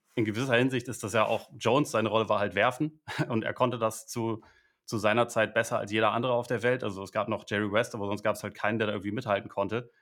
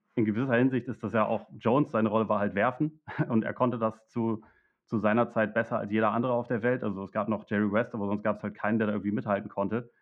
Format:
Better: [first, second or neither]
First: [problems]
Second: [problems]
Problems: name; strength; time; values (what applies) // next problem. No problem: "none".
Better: first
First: none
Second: muffled; very; fading above 1.5 kHz